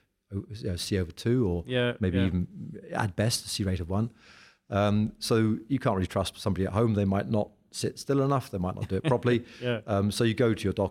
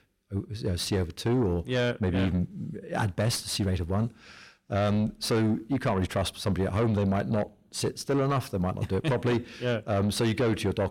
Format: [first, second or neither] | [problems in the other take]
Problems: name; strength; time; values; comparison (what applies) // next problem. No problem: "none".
first | distortion; slight; 10 dB below the speech